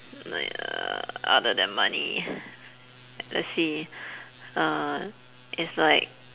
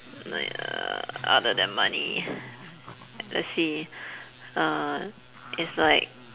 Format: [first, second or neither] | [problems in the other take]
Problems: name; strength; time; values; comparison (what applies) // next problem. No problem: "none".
first | background sound (Growling); 20 dB below the speech